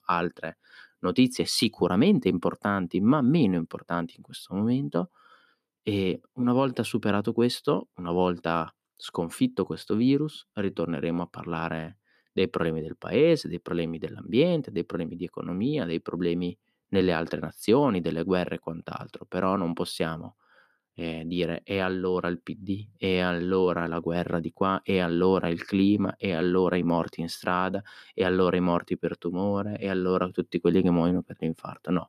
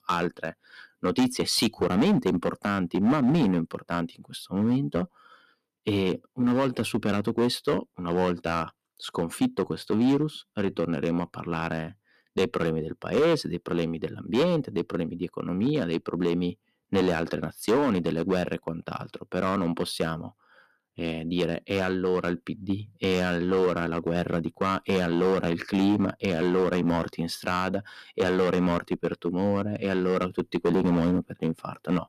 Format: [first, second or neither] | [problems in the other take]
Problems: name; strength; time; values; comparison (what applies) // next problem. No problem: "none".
first | distortion; slight; 6% of the sound clipped